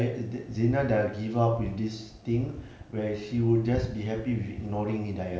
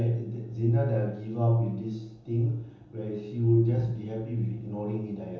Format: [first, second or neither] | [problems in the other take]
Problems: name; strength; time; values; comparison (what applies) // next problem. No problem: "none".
first | room echo; dies away in 1.2 s